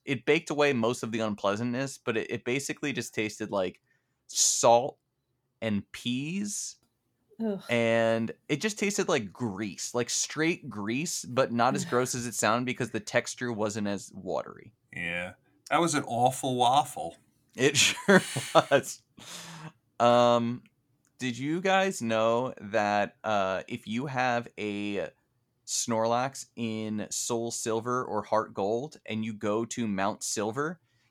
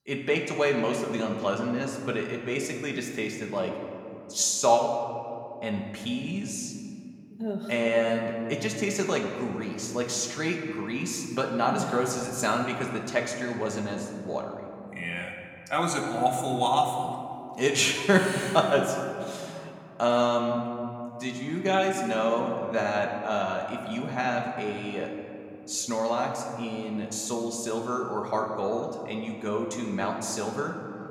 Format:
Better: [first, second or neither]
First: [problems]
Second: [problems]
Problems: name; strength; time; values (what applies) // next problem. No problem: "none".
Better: first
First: none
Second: room echo; slight; dies away in 2.1 s